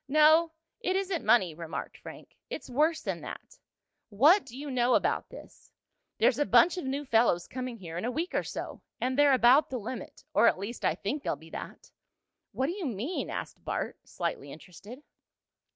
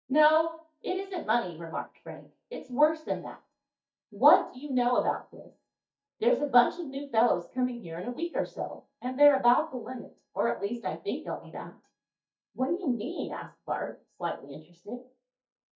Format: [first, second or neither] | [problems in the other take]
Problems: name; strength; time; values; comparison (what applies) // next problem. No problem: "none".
first | noise reduction (neural mask model DeepFilterNet 3)